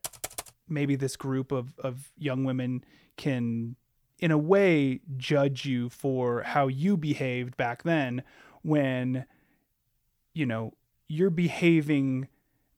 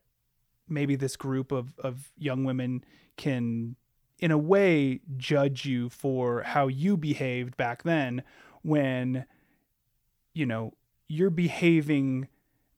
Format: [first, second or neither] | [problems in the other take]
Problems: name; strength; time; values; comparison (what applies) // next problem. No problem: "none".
second | keyboard typing; noticeable; at the start; peak 7 dB below the speech